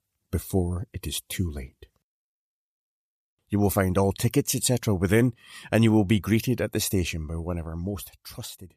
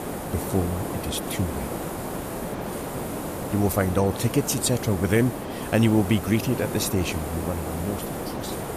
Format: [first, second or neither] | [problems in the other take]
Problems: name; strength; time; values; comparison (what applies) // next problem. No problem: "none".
first | hiss; loud; throughout; 6 dB below the speech